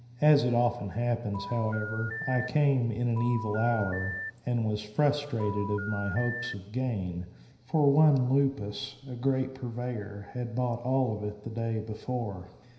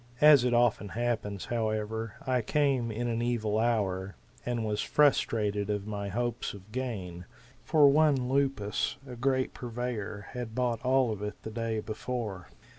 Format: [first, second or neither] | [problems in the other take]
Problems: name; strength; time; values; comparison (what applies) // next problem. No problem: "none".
second | background sound (Telephone); 9 dB below the speech // room echo; dies away in 0.9 s